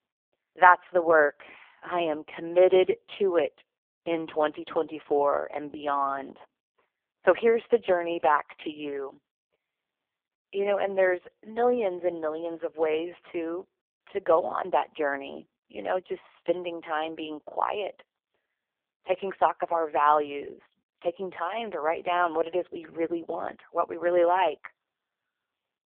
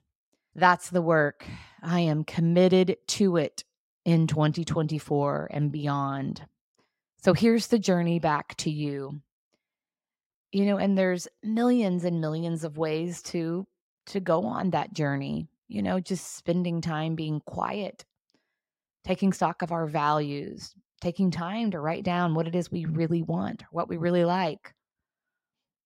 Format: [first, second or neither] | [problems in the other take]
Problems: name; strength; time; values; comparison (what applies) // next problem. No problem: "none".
second | phone-call audio; poor line; nothing above 3 kHz